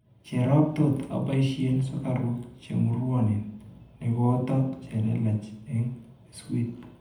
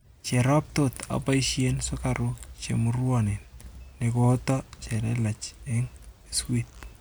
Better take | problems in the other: second | room echo; dies away in 0.8 s

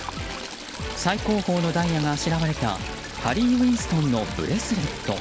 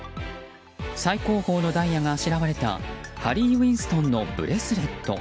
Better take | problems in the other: second | background sound (Stream / Trickle, dribble); 12 dB below the speech

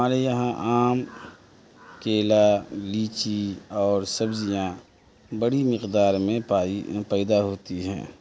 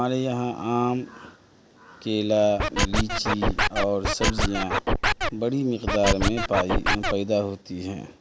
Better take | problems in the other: first | background sound (Scratching (performance technique)); 2 dB above the speech

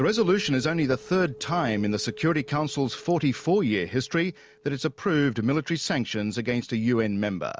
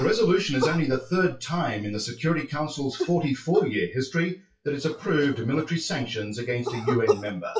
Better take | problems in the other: first | noise reduction (classical method WPE with log-MMSE)

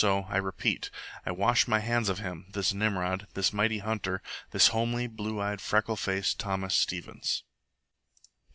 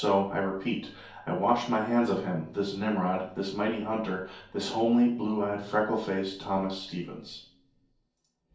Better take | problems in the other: first | room echo; dies away in 0.6 s

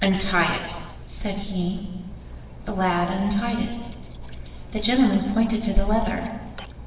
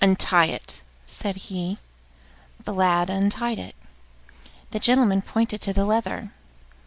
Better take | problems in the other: second | background sound (Cutlery, silverware); 14 dB below the speech // room echo; dies away in 1.3 s

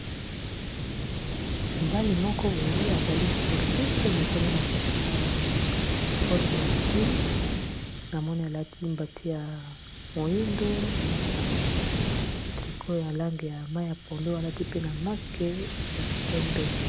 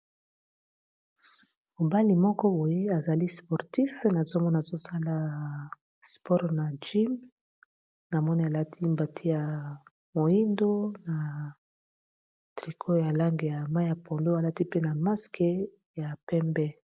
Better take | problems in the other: second | background sound (Hiss); 3 dB above the speech

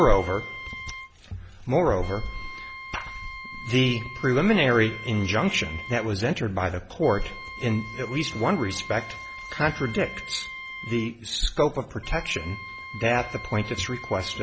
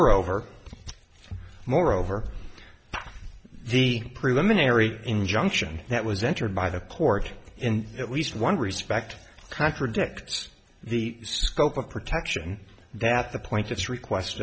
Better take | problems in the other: second | background sound (Wind instrument, woodwind instrument); 13 dB below the speech

